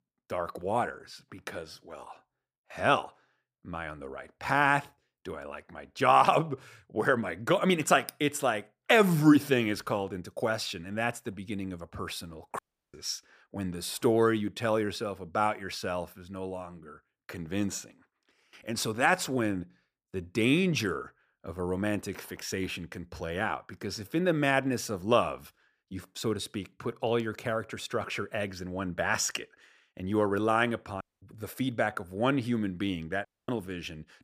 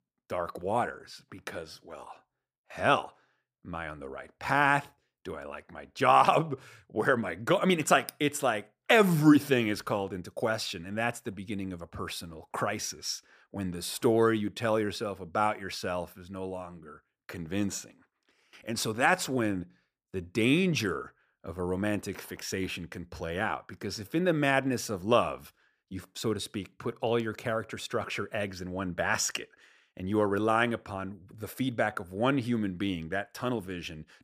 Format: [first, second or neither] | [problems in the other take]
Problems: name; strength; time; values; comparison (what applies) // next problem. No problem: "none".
second | audio cutting out; at 13 s, at 31 s and at 33 s